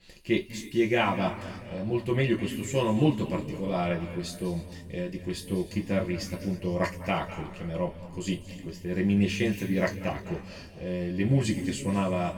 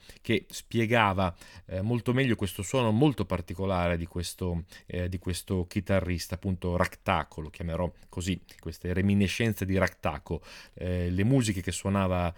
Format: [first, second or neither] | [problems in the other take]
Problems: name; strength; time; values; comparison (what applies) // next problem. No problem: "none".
second | room echo; noticeable; dies away in 1.9 s // off-mic speech; far